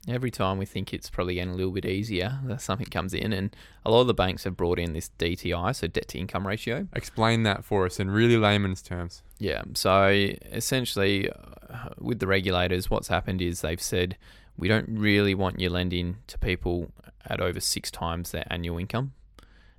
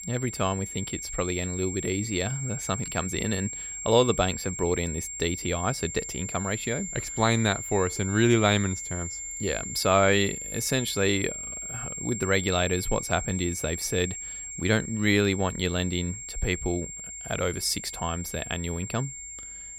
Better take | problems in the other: first | high-pitched whine; loud; throughout; 7.5 kHz, 7 dB below the speech

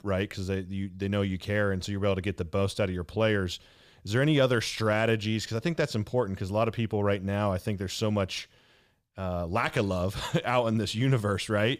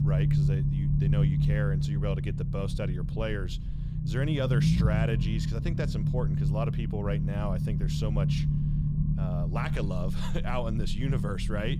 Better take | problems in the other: first | low rumble; loud; throughout; 2 dB below the speech

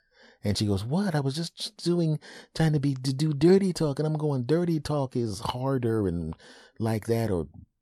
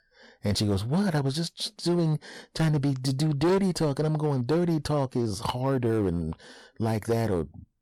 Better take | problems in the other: first | distortion; slight; 8% of the sound clipped

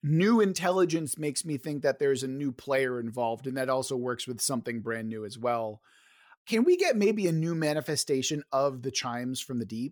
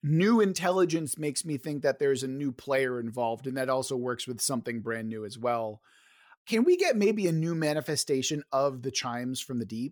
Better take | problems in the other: neither | none

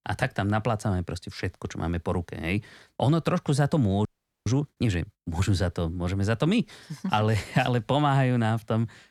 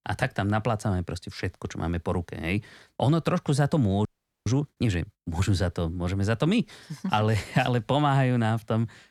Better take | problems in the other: neither | audio freezing; at 4 s; the same in both

